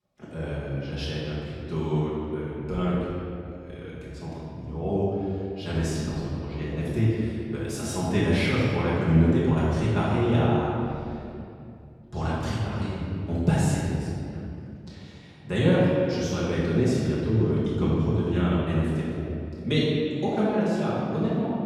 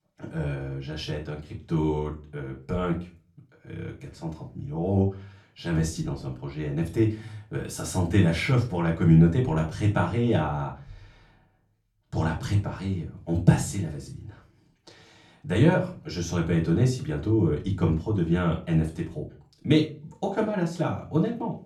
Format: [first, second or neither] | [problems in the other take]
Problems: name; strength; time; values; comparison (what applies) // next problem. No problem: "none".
second | room echo; strong; dies away in 2.5 s; slight in the second // off-mic speech; far; far in the second